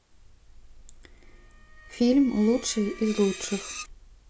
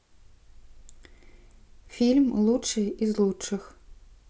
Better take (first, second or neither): second